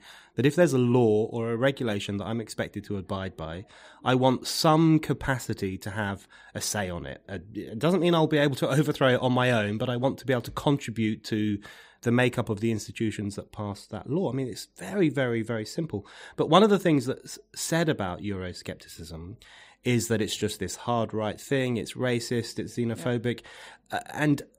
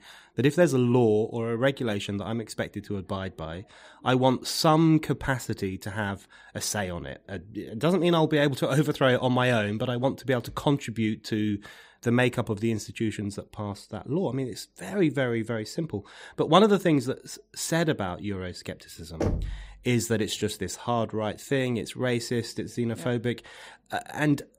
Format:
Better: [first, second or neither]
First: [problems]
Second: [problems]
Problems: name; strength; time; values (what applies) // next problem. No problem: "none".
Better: first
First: none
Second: door banging; noticeable; at 19 s; peak 3 dB below the speech